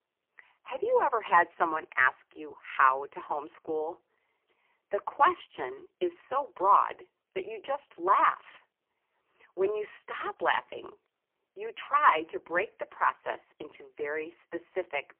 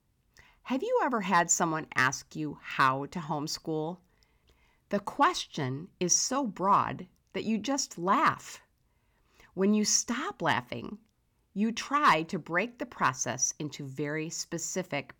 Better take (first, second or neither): second